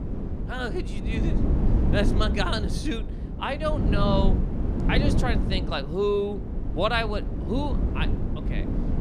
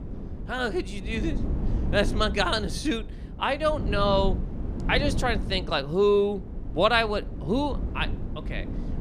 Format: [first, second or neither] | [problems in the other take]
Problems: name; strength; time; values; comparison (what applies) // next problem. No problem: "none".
second | wind noise on the microphone; heavy; 7 dB below the speech; occasional gusts in the second